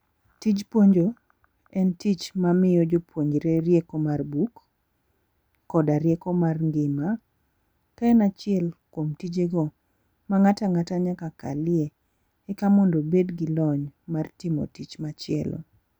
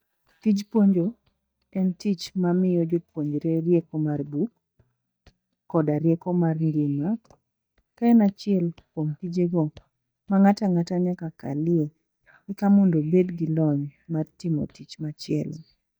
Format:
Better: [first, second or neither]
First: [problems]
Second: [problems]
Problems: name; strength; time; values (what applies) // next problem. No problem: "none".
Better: first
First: none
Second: noise reduction (neural mask model DeepFilterNet 3)